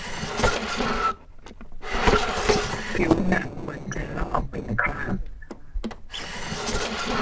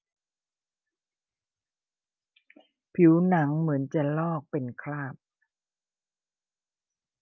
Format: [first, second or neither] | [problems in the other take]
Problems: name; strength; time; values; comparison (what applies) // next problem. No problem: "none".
second | noise reduction (neural separator model SepFormer DNS4)